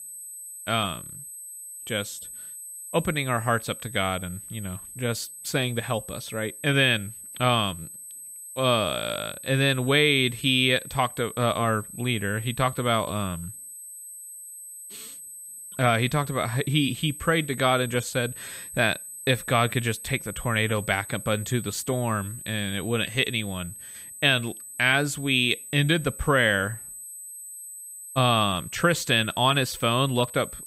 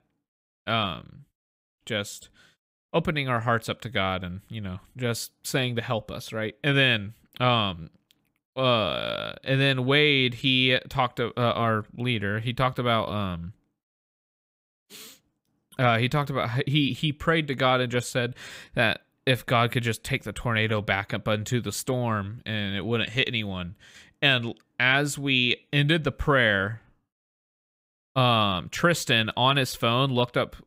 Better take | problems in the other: second | high-pitched whine; noticeable; throughout; 8.5 kHz, 15 dB below the speech

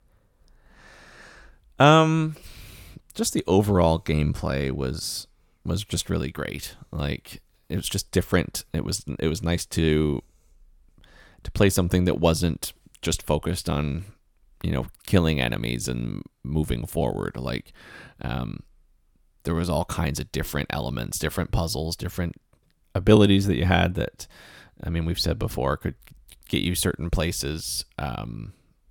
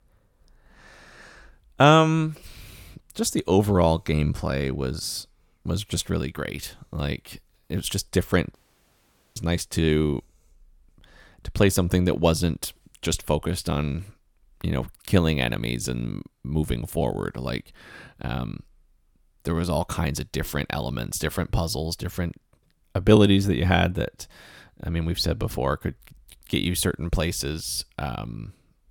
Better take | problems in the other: first | audio cutting out; at 8.5 s for 1 s

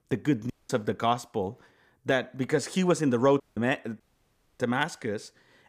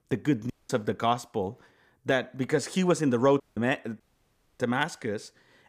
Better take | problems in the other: neither | audio cutting out; at 0.5 s, at 3.5 s and at 4 s for 0.5 s; the same in both

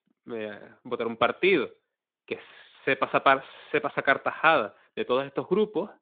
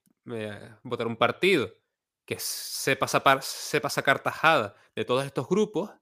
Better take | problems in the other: second | phone-call audio; nothing above 3.5 kHz

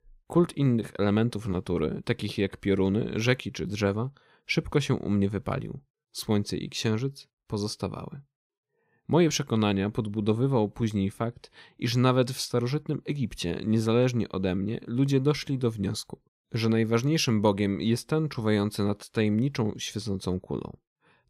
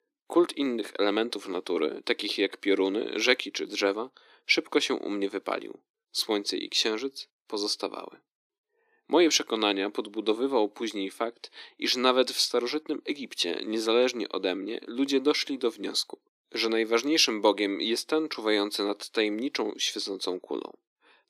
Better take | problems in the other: first | thin; somewhat; fading below 300 Hz

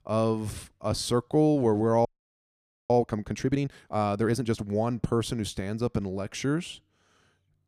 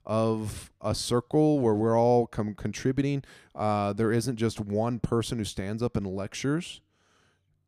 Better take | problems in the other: second | audio freezing; at 2 s for 1 s

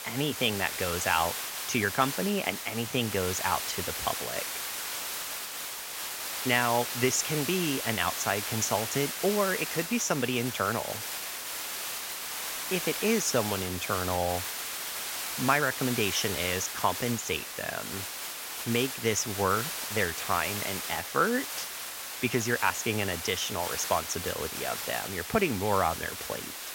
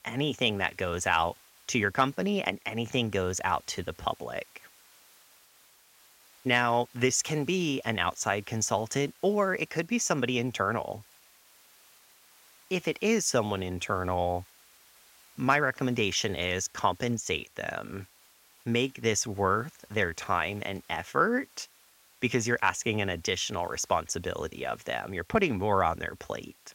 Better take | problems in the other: second | hiss; loud; throughout; 4 dB below the speech; faint in the second

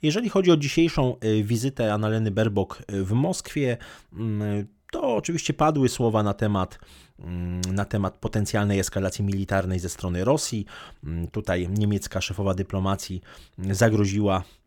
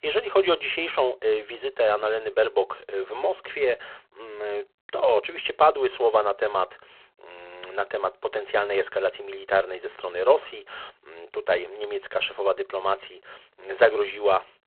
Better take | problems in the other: first | phone-call audio; poor line

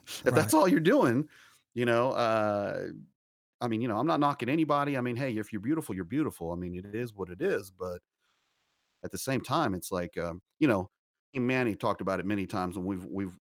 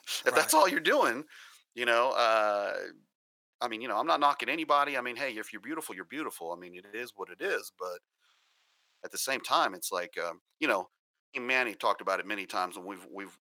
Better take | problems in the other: first | thin; very; fading below 650 Hz

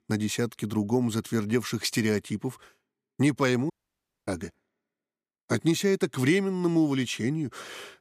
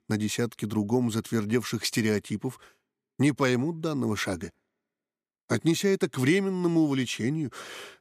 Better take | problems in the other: second | audio cutting out; at 3.5 s for 0.5 s

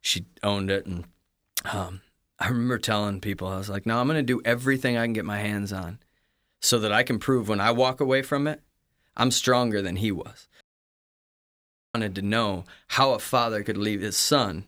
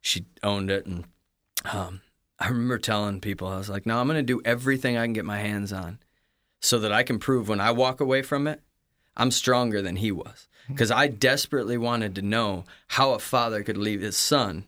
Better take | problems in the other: second | audio cutting out; at 11 s for 1.5 s

